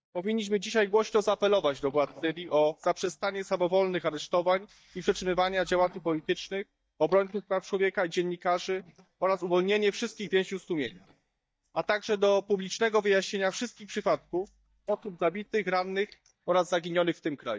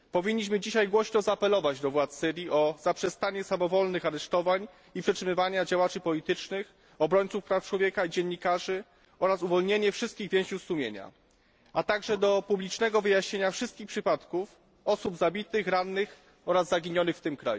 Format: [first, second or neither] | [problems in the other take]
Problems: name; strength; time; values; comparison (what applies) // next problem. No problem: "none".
second | noise reduction (neural mask model DeepFilterNet 3)